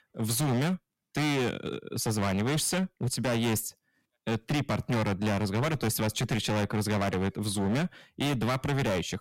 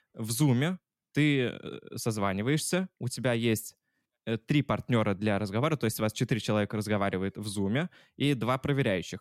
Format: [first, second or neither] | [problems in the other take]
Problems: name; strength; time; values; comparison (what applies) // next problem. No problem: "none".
second | distortion; heavy; 24% of the sound clipped